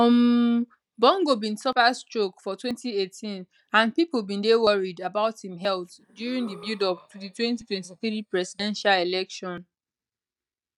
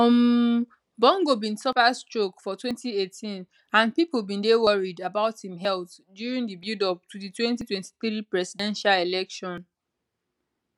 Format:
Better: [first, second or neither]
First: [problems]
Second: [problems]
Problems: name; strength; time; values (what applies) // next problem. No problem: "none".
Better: second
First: noise reduction (neural mask model DeepFilterNet 3)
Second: none